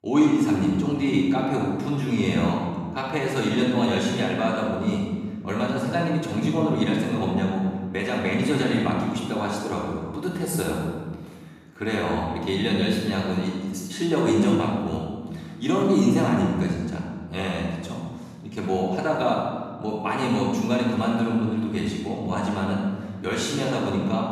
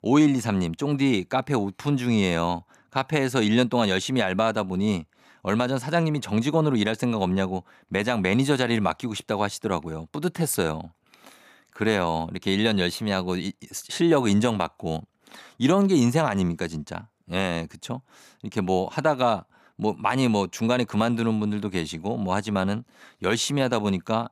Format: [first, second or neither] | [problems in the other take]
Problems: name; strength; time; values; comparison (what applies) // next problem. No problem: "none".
second | off-mic speech; far // room echo; strong; dies away in 1.5 s